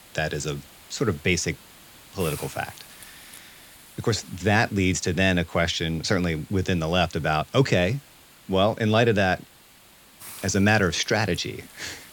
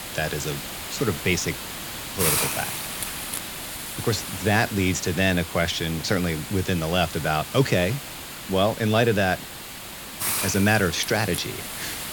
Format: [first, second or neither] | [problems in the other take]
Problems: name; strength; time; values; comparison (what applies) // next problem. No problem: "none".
first | hiss; loud; throughout; 6 dB below the speech; faint in the first